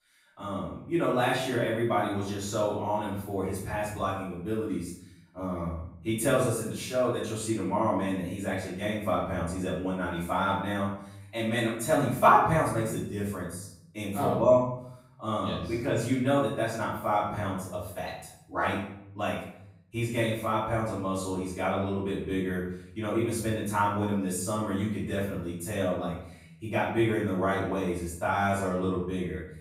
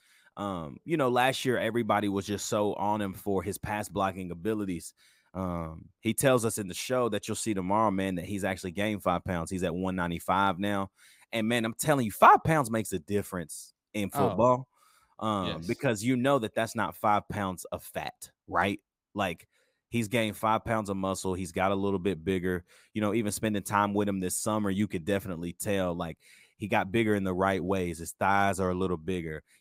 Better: second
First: off-mic speech; far // room echo; noticeable; dies away in 0.6 s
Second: none

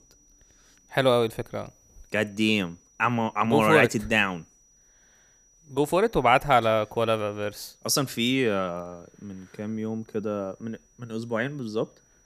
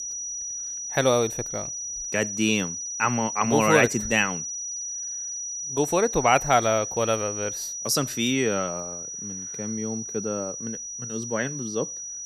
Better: first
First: high-pitched whine; faint; throughout; 6 kHz, 35 dB below the speech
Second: high-pitched whine; loud; throughout; 6 kHz, 6 dB below the speech

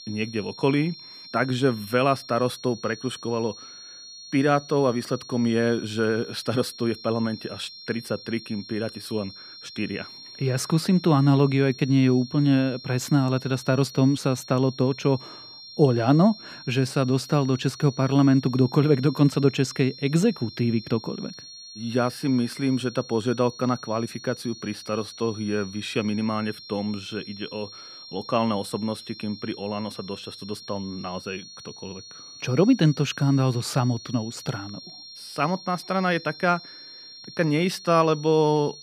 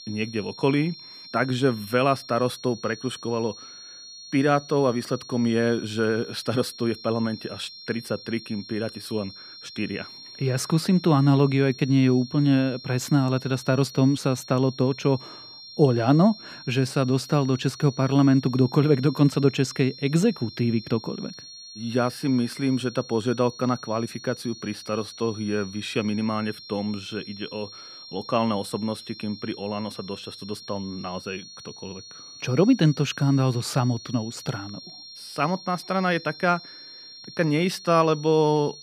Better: neither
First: high-pitched whine; noticeable; throughout; 4.5 kHz, 15 dB below the speech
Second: high-pitched whine; noticeable; throughout; 4.5 kHz, 15 dB below the speech

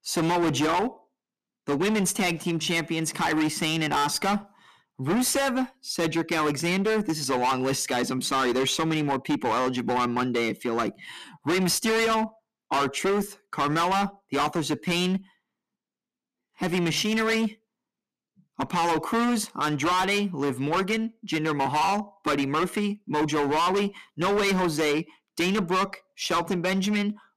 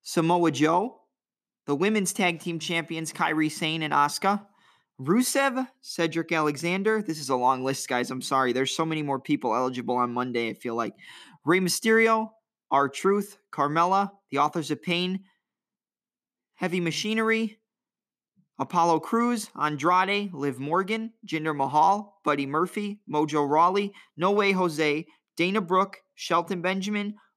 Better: second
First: distortion; heavy; 19% of the sound clipped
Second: none

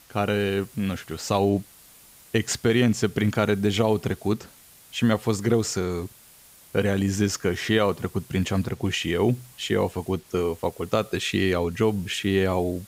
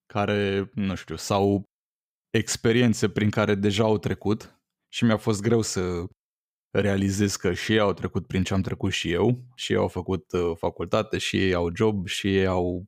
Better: second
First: hiss; faint; throughout; 25 dB below the speech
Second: none

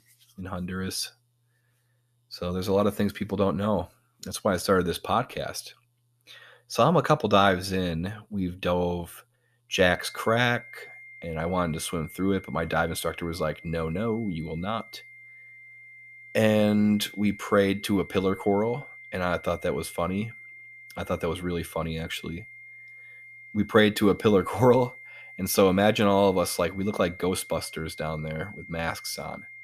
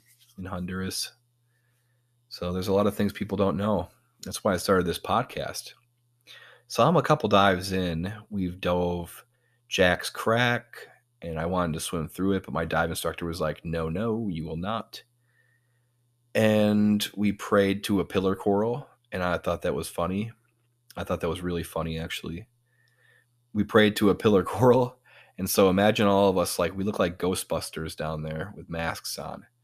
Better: second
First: high-pitched whine; noticeable; from 9.5 s on; 2 kHz, 20 dB below the speech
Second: none

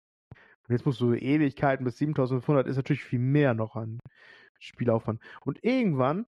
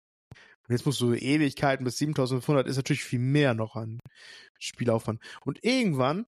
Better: second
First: muffled; very; fading above 4 kHz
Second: none

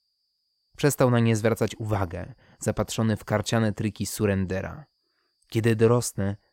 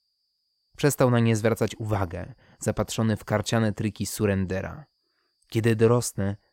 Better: neither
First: none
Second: none

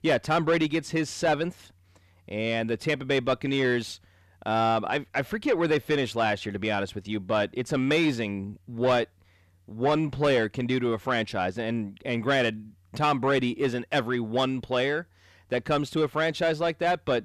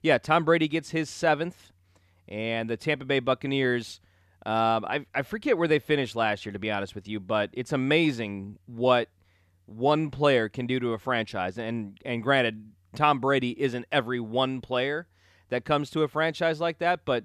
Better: second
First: distortion; slight; 10 dB below the speech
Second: none

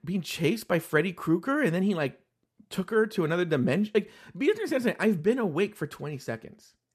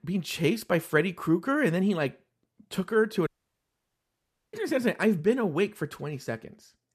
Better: first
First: none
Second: audio cutting out; at 3.5 s for 1.5 s

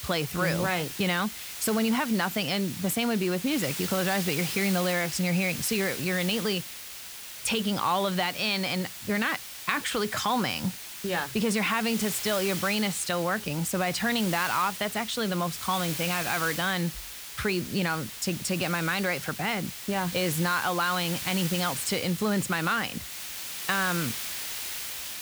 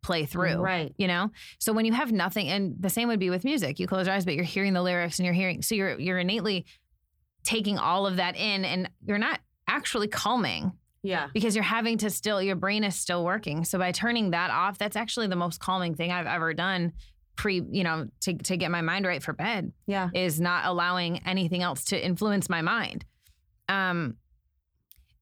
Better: second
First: hiss; loud; throughout; 7 dB below the speech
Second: none

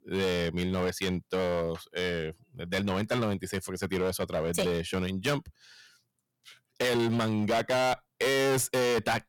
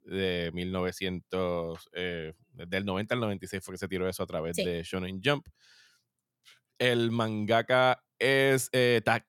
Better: second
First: distortion; heavy; 15% of the sound clipped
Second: none

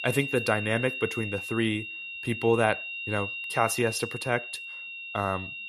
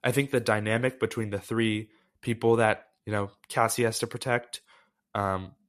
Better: second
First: high-pitched whine; loud; throughout; 3 kHz, 6 dB below the speech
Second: none

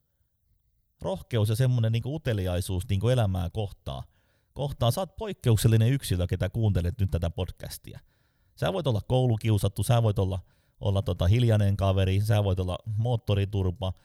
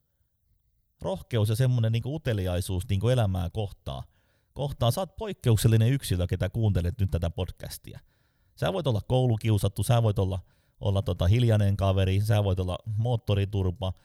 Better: neither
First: none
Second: none

